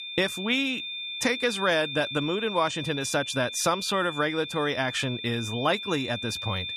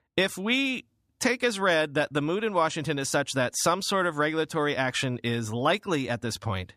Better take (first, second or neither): second